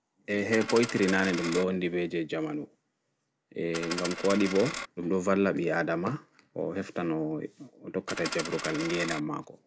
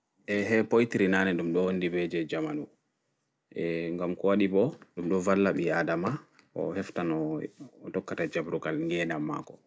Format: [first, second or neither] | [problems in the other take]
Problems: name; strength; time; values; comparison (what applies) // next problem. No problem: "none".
second | background sound (Coin (dropping)); 7 dB below the speech